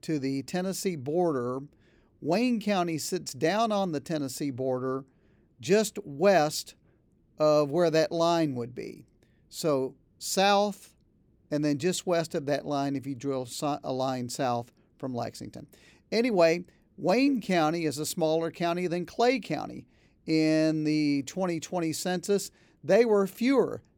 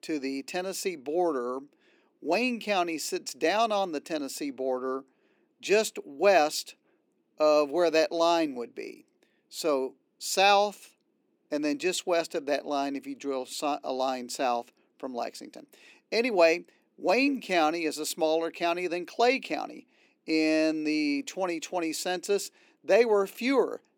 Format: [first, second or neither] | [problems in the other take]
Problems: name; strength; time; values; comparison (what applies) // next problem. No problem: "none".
first | thin; very slightly; fading below 250 Hz